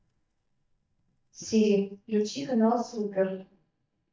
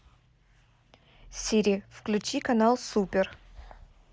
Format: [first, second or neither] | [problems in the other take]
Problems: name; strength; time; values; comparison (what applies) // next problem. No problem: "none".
second | noise reduction (neural mask model DeepFilterNet 3)